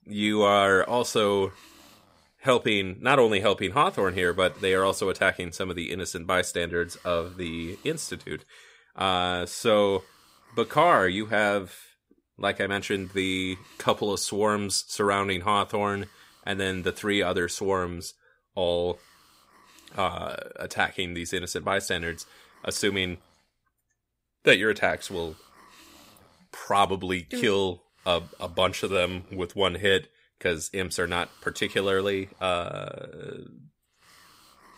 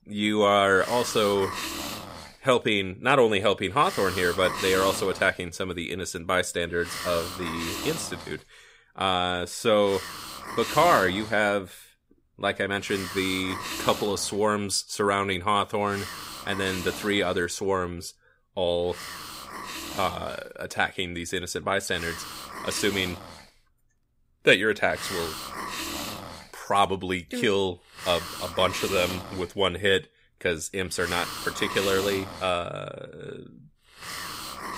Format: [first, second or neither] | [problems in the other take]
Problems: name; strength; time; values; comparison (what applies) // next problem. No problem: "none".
first | hiss; loud; throughout; 9 dB below the speech; faint in the first